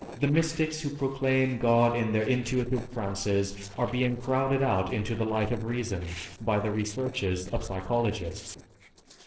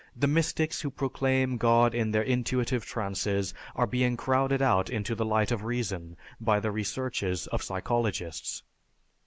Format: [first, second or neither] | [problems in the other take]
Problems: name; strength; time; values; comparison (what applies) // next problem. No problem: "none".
second | noise reduction (neural separator model SepFormer DNS4)